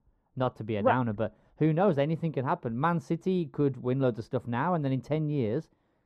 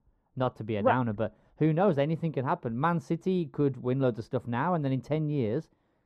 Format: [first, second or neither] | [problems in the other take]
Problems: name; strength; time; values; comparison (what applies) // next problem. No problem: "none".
neither | muffled; very; fading above 1.5 kHz; the same in both